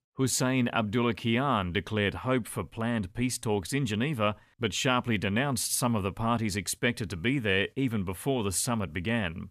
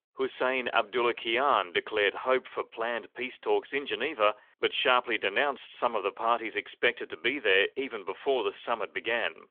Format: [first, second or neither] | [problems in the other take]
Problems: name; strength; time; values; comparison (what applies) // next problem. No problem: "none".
first | phone-call audio; nothing above 3.5 kHz